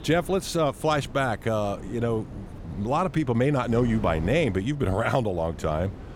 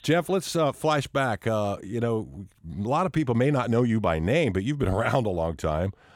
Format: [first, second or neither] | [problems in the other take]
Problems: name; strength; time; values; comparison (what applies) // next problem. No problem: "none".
second | wind noise on the microphone; occasional gusts; 20 dB below the speech